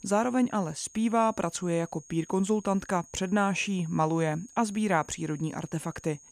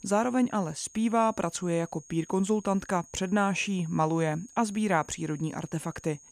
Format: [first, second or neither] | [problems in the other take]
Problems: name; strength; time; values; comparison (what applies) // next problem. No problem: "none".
neither | high-pitched whine; faint; throughout; 6.5 kHz, 20 dB below the speech; the same in both